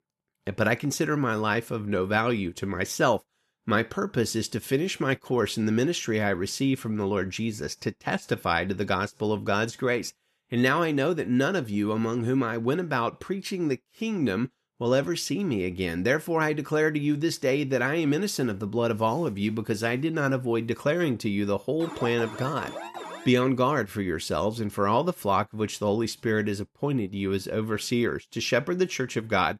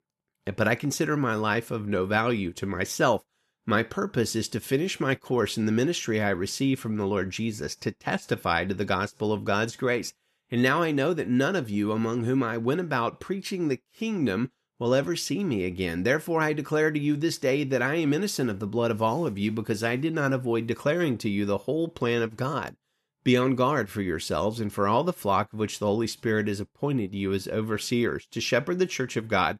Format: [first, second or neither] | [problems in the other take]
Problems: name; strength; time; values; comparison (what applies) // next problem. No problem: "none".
second | alarm; faint; from 22 to 23 s; peak 10 dB below the speech